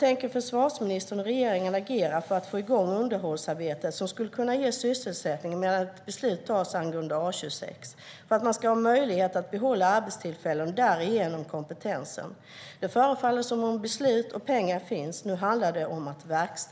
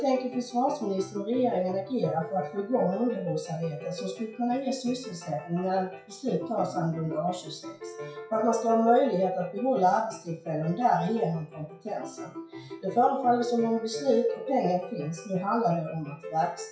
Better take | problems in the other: first | noise reduction (classical method WPE with log-MMSE)

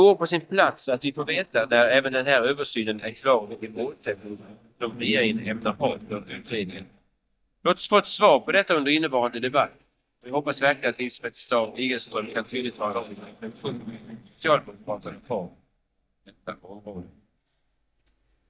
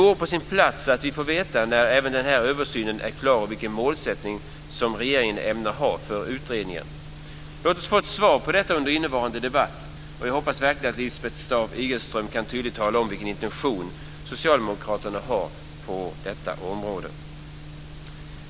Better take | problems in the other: second | noise reduction (neural mask model DeepFilterNet 3)

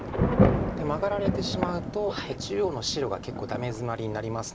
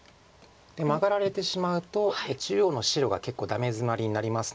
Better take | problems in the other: second | background sound (Thunder / Rain); 2 dB above the speech

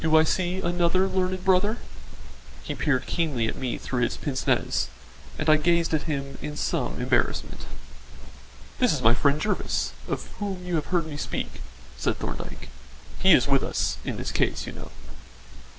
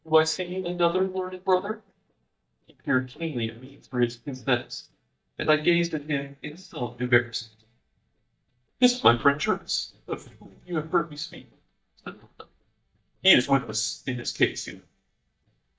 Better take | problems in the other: first | noise reduction (neural mask model DeepFilterNet 3)

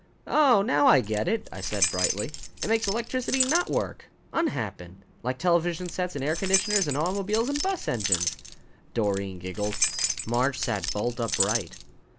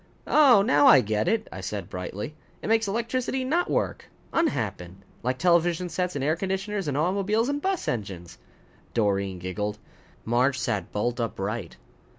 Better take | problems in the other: second | background sound (Keys jangling); 4 dB below the speech

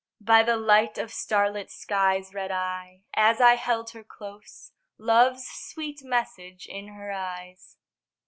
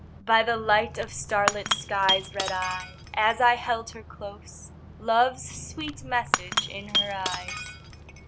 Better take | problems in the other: first | background sound (Shatter / Crushing); 5 dB below the speech

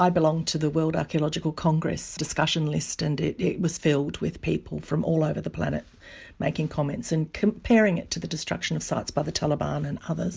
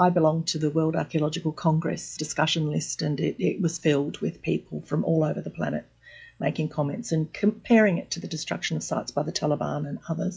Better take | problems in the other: first | noise reduction (classical method log-MMSE)

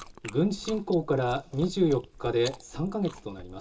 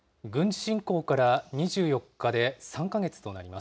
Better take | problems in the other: second | background sound (Chewing, mastication); 16 dB below the speech // room echo; dies away in 0.2 s

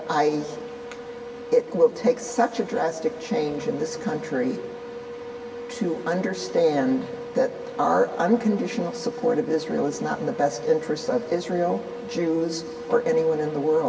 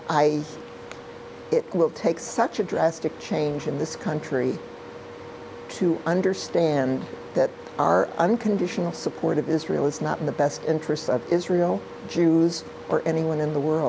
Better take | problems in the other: second | room echo; dies away in 1.5 s

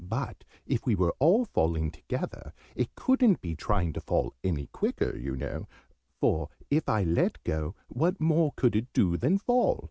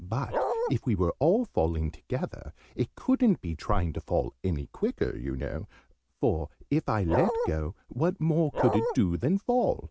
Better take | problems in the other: first | background sound (Bark); as loud as the speech

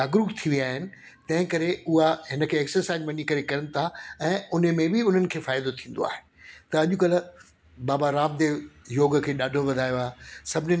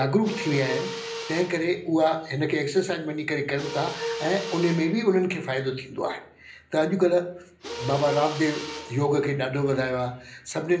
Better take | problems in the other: first | background sound (Mechanisms); 11 dB below the speech // room echo; dies away in 0.5 s

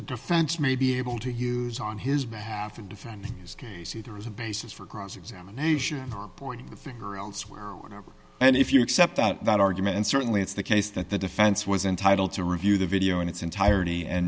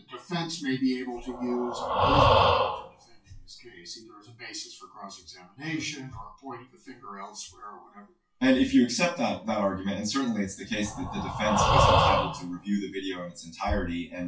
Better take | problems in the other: first | noise reduction (classical method WPE with log-MMSE)

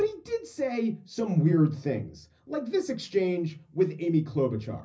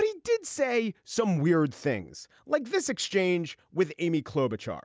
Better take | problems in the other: second | room echo; dies away in 0.4 s

